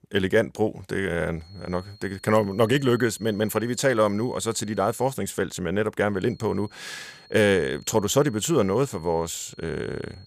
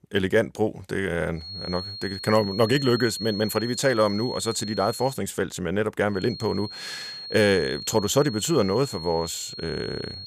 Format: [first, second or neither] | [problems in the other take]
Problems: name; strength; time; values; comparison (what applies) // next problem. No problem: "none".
first | high-pitched whine; loud; from 1.5 to 5 s and from 6 s on; 4.5 kHz, 9 dB below the speech; faint in the first